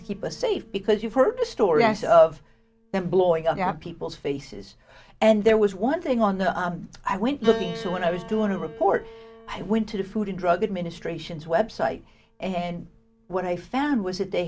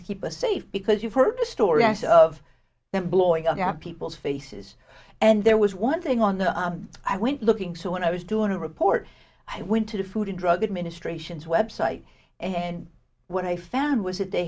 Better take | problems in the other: second | background sound (Piano); 20 dB below the speech

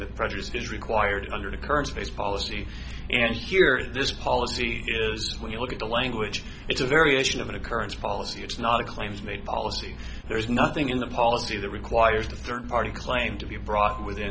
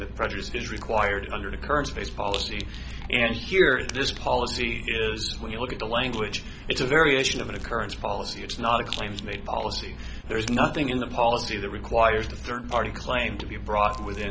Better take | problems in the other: first | background sound (Rattle); 20 dB below the speech

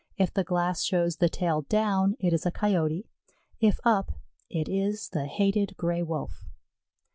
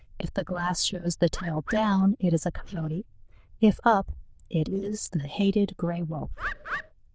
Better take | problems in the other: first | noise reduction (neural diffusion model UNIVERSE++)

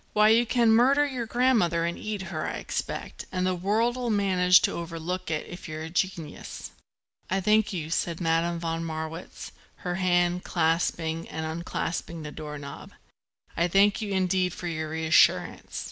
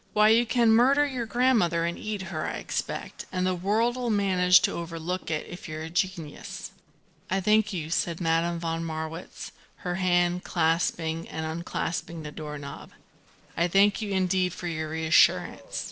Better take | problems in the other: first | noise reduction (neural separator model SepFormer DNS4)

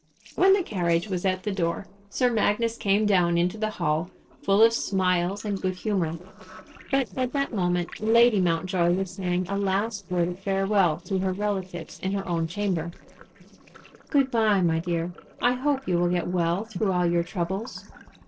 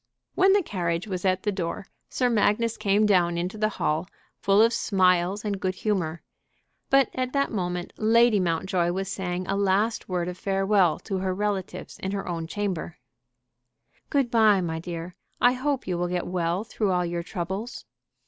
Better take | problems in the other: second | noise reduction (neural separator model SepFormer DNS4)

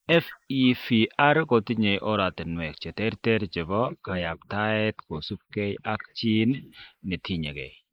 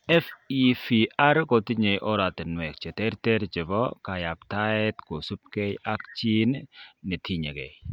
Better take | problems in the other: second | noise reduction (neural mask model Resemble Enhance denoiser)

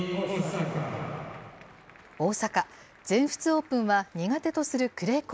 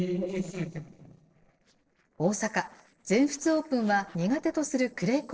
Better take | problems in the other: first | noise reduction (neural separator model SepFormer DNS4)

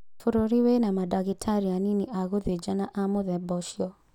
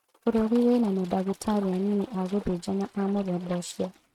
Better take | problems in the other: first | noise reduction (neural mask model RNNoise)

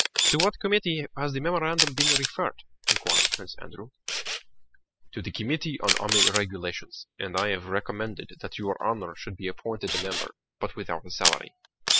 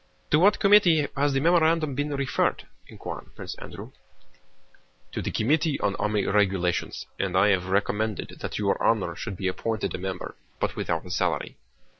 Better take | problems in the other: second | noise reduction (classical method spectral subtraction)

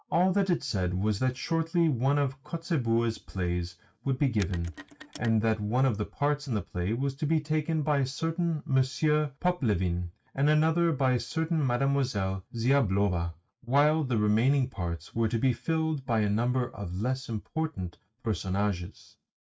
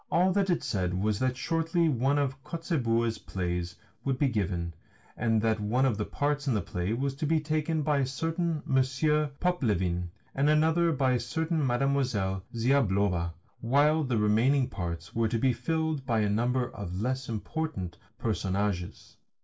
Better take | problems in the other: second | noise reduction (neural mask model RNNoise)

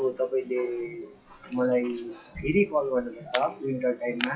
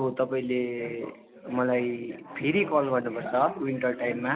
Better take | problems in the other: second | noise reduction (classical method WPE with log-MMSE)

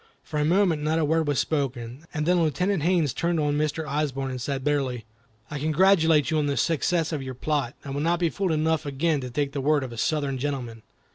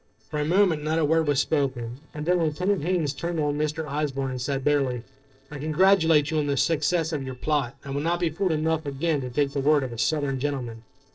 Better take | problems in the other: first | noise reduction (neural separator model SepFormer DNS4)

